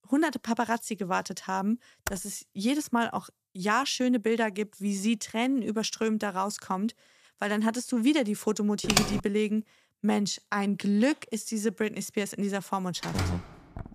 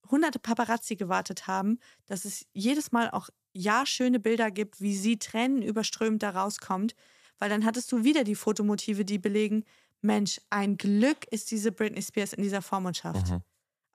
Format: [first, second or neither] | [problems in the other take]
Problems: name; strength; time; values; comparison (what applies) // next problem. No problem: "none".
second | keyboard typing; very faint; at 2 s; peak 8 dB below the speech // keyboard typing; loud; at 9 s; peak 4 dB above the speech // door banging; noticeable; at 13 s; peak 6 dB below the speech